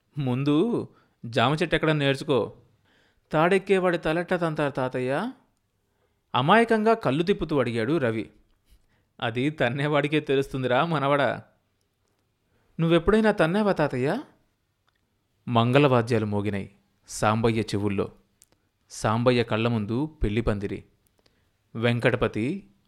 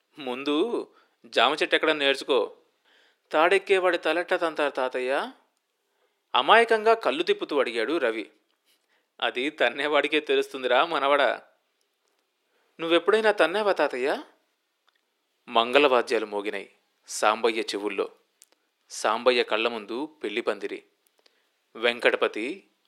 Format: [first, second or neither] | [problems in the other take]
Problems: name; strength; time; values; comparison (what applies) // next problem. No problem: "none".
first | thin; somewhat; fading below 350 Hz